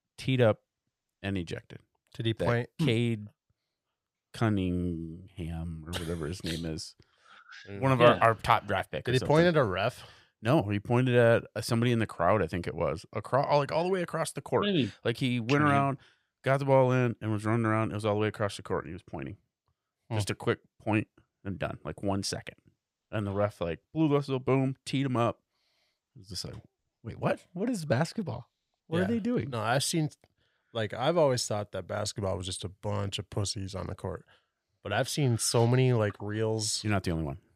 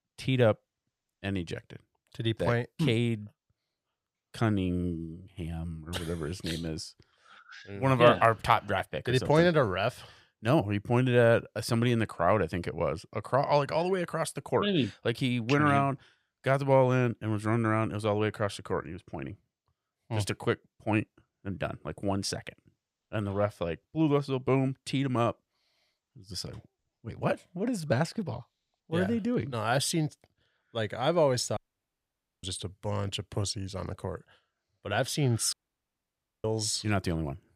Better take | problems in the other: first | audio cutting out; at 32 s for 1 s and at 36 s for 1 s

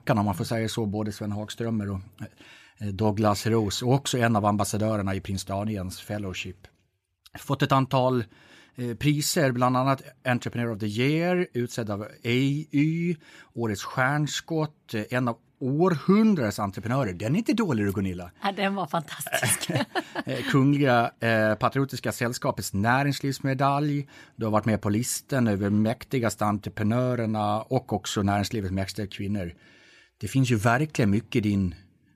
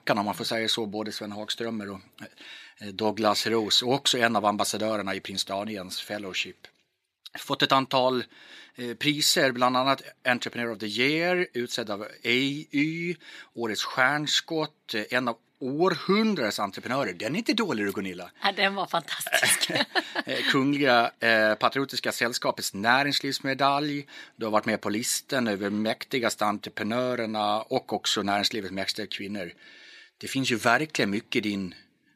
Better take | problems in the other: first | thin; very slightly; fading below 250 Hz

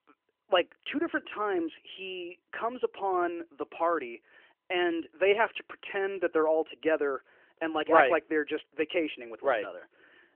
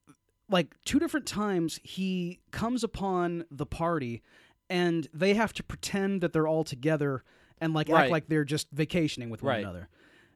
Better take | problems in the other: second | phone-call audio; nothing above 3 kHz

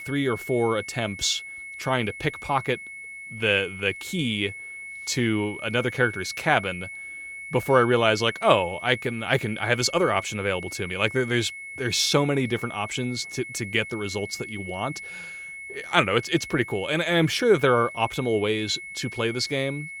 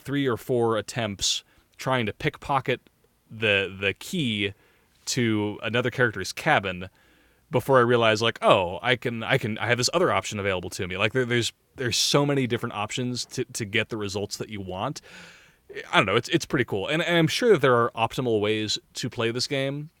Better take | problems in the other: second | high-pitched whine; noticeable; throughout; 2 kHz, 10 dB below the speech

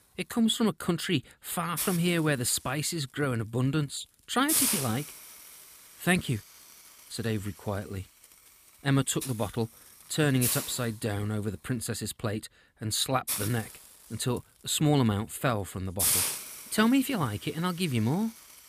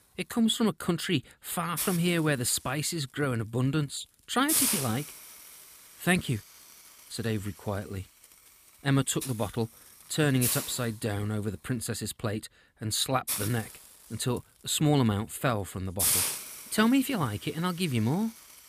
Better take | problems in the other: neither | hiss; loud; throughout; 1 dB below the speech; the same in both

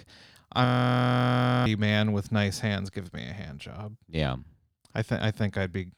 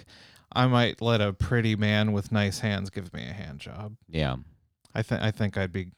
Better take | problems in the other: second | audio freezing; at 0.5 s for 1 s

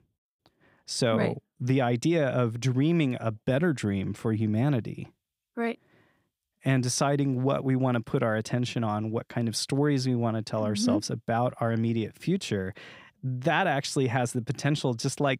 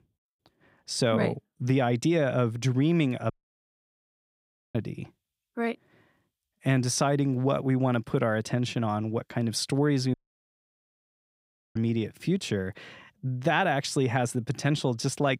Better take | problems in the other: first | audio cutting out; at 3.5 s for 1.5 s and at 10 s for 1.5 s

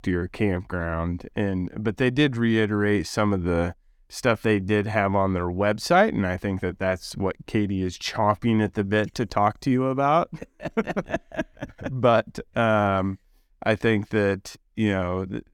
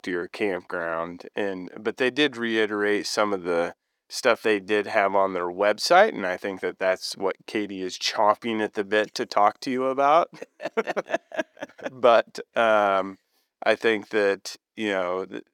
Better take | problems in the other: first | thin; somewhat; fading below 450 Hz

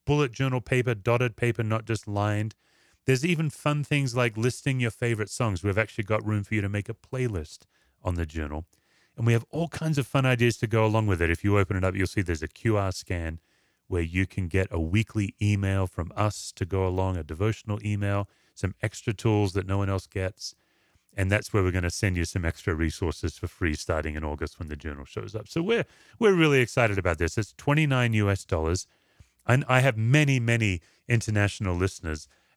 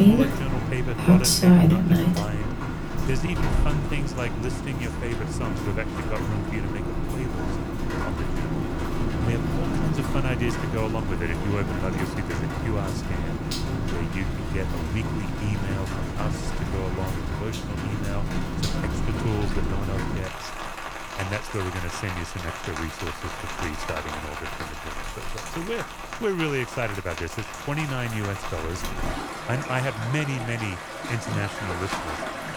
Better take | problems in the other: first | rain or running water; very loud; throughout; 4 dB above the speech

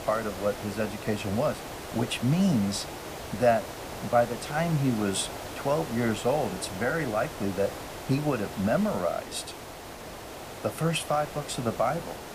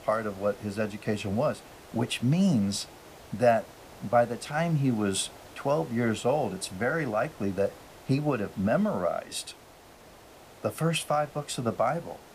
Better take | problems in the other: second | hiss; loud; throughout; 10 dB below the speech; faint in the second

